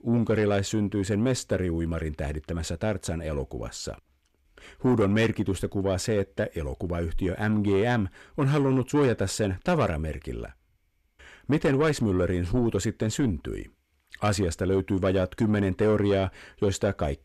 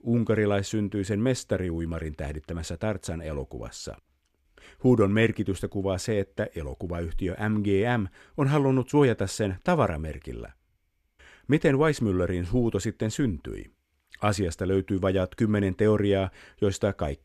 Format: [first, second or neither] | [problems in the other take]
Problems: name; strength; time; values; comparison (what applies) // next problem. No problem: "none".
second | distortion; slight; 10 dB below the speech